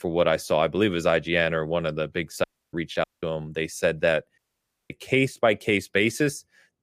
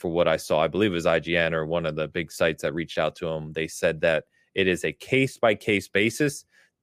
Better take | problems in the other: second | audio cutting out; at 2.5 s, at 3 s and at 4.5 s for 0.5 s

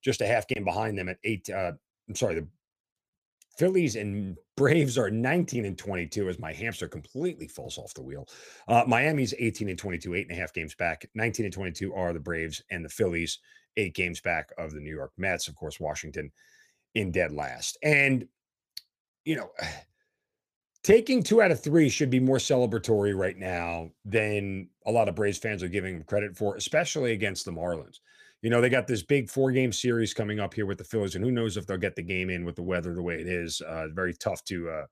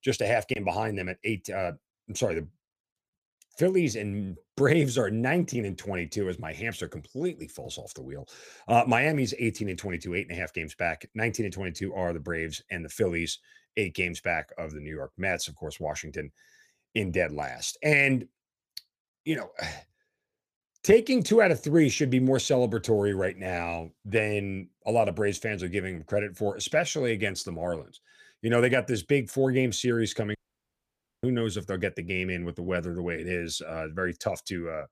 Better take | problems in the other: first | audio cutting out; at 30 s for 1 s

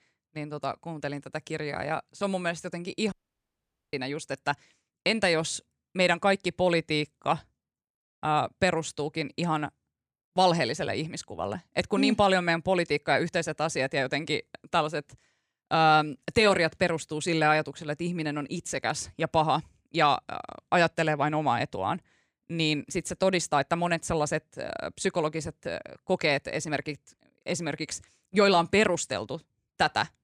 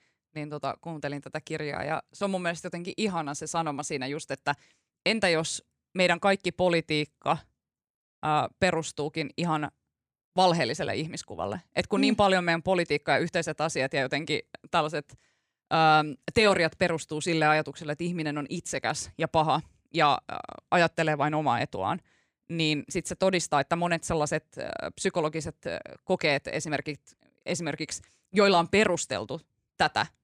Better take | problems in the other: second | audio cutting out; at 3 s for 1 s

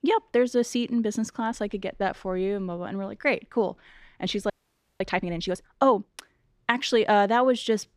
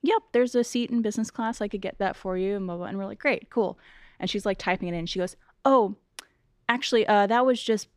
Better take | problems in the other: second | audio freezing; at 4.5 s for 0.5 s

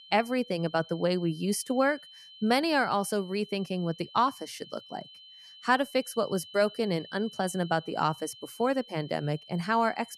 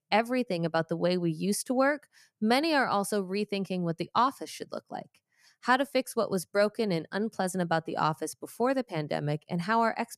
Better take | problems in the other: second | high-pitched whine; noticeable; throughout; 3 kHz, 20 dB below the speech

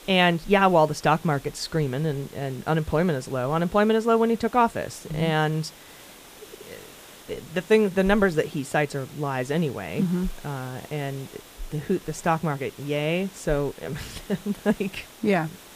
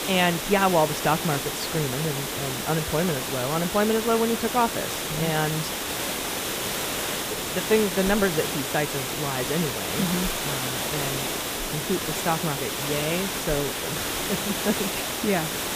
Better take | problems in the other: first | hiss; loud; throughout; 1 dB below the speech; faint in the first

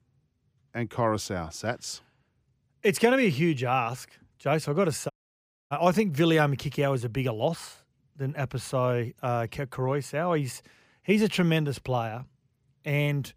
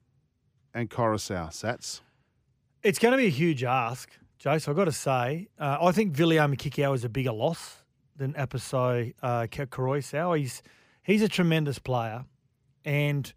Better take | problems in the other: second | audio cutting out; at 5 s for 0.5 s

